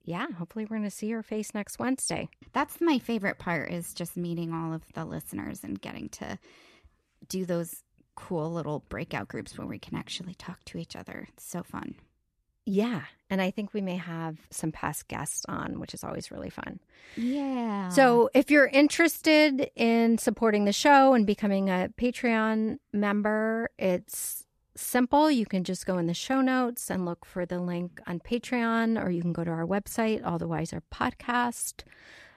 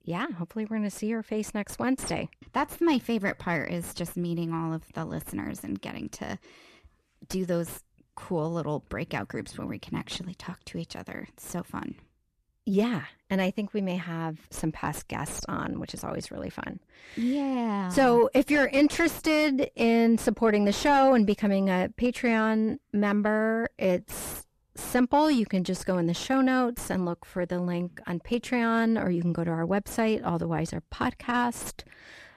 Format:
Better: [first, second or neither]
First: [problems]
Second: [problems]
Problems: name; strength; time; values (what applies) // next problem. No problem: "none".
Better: first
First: none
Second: distortion; slight; 9 dB below the speech